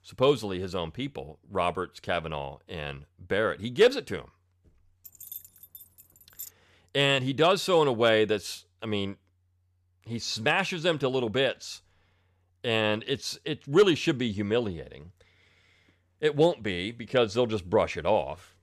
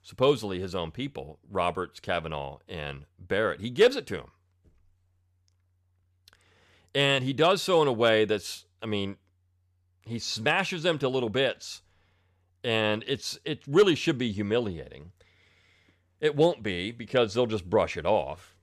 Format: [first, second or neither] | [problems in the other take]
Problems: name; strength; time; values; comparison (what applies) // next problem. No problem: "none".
second | jangling keys; faint; from 5 to 6.5 s; peak 15 dB below the speech